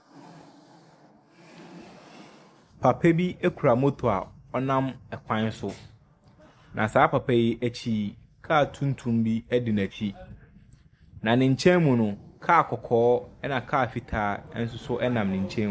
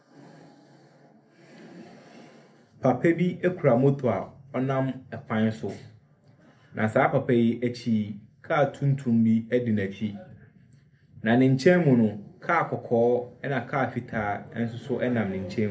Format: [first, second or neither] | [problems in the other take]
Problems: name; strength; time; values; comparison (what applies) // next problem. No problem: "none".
first | room echo; dies away in 0.3 s